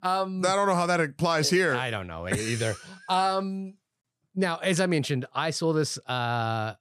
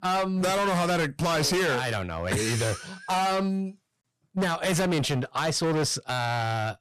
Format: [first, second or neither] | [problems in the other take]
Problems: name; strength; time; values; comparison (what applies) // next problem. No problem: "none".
first | distortion; heavy; 24% of the sound clipped